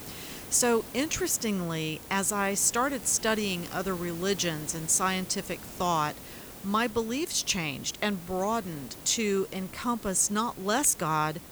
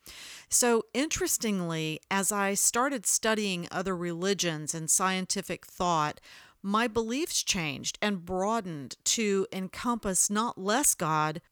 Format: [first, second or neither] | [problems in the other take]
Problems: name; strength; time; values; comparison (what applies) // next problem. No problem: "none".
second | hiss; noticeable; throughout; 15 dB below the speech